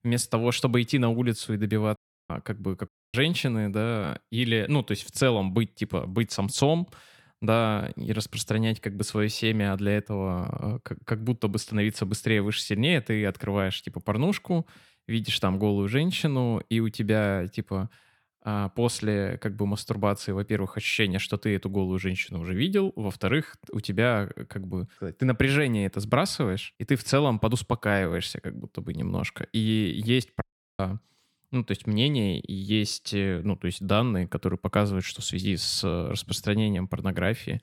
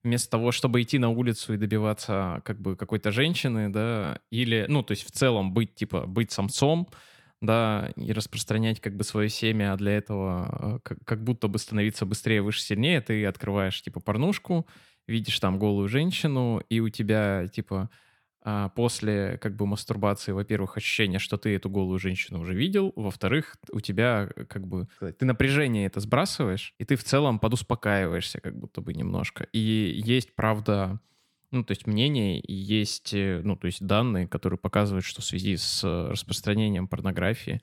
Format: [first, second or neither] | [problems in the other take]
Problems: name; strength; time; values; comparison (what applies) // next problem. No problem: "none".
second | audio cutting out; at 2 s, at 3 s and at 30 s